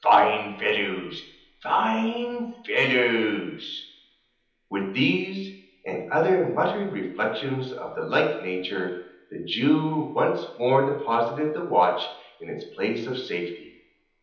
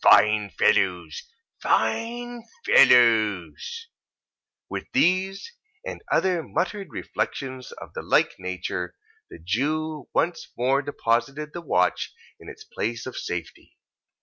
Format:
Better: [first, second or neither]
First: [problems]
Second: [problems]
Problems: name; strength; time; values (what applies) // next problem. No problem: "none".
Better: second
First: room echo; dies away in 1.3 s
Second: none